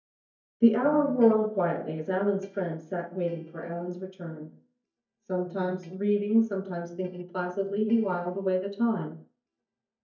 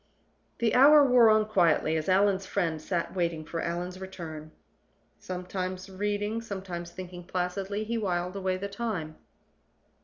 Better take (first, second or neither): second